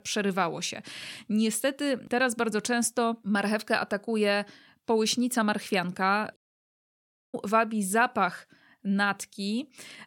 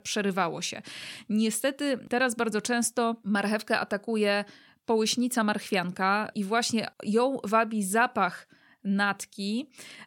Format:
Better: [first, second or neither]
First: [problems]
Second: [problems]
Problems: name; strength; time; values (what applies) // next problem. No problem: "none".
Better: second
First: audio cutting out; at 6.5 s for 1 s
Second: none